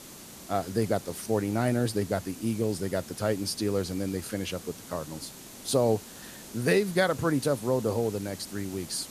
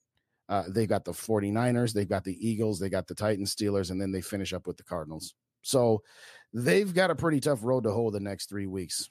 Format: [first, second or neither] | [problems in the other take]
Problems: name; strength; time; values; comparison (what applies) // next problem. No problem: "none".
second | hiss; noticeable; throughout; 15 dB below the speech